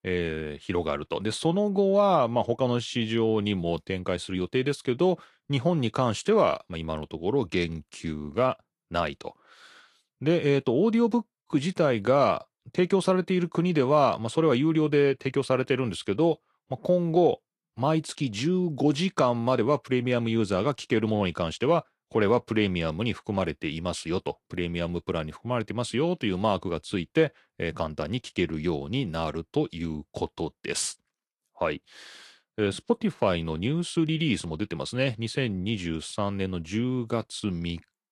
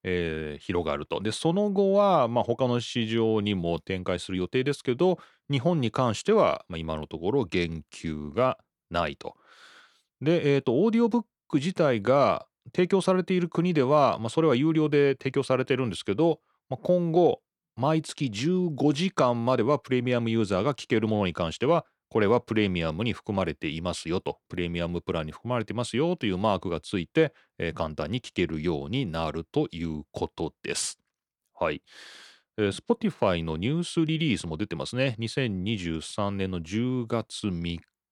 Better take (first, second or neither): second